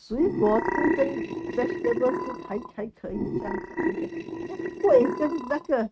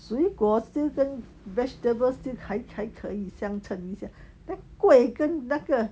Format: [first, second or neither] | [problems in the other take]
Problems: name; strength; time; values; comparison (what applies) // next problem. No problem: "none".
second | noise reduction (neural mask model RNNoise)